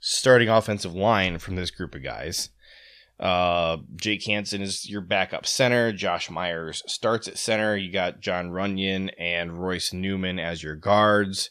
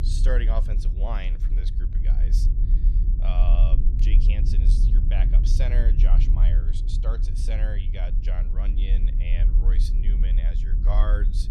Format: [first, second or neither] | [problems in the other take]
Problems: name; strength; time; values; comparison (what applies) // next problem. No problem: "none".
first | low rumble; loud; throughout; 6 dB below the speech